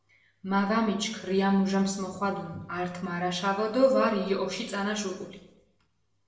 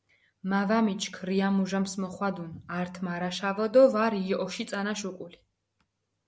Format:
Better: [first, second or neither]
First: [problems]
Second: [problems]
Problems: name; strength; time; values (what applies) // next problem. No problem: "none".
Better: second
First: room echo; dies away in 0.8 s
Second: none